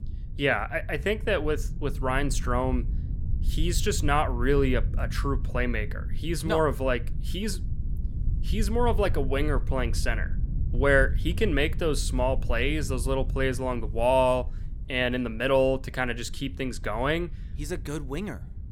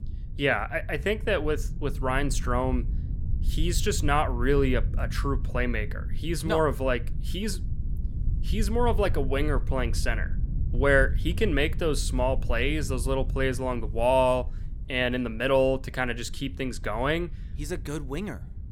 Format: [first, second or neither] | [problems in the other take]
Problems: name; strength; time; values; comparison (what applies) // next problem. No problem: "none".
neither | low rumble; faint; throughout; 20 dB below the speech; the same in both